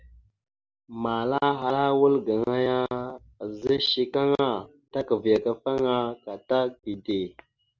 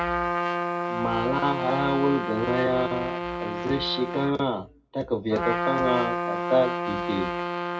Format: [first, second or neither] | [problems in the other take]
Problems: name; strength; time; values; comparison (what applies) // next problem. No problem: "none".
first | background sound (Trumpet); 2 dB below the speech // room echo; dies away in 0.4 s